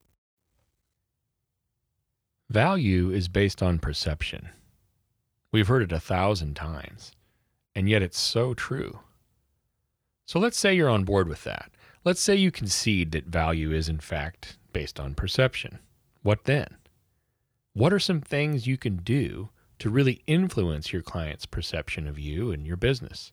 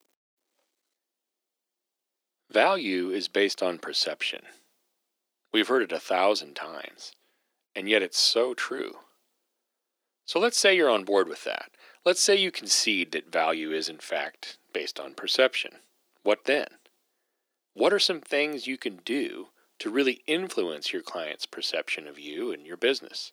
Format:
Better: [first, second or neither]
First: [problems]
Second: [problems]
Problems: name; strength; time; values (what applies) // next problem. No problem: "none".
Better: first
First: none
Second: thin; somewhat; fading below 250 Hz